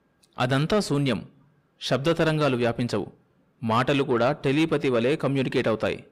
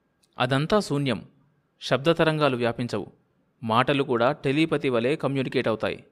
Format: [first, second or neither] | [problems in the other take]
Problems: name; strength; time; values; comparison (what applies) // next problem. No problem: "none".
second | distortion; slight; 10 dB below the speech